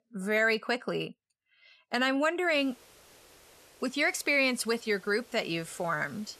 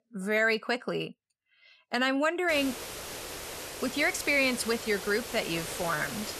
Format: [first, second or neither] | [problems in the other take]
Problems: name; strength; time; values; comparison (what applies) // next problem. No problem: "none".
first | hiss; loud; from 2.5 s on; 9 dB below the speech; faint in the first